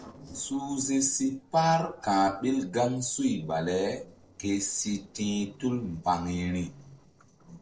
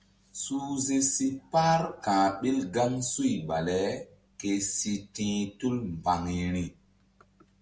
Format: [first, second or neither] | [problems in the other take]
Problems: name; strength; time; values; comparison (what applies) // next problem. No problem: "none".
second | noise reduction (neural separator model SepFormer DNS4)